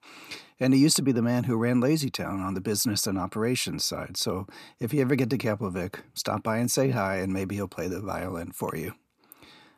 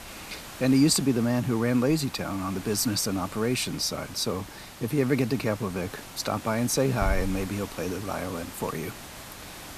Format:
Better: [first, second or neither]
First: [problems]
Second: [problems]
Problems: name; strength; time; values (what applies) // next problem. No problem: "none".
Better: first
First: none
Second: hiss; noticeable; throughout; 15 dB below the speech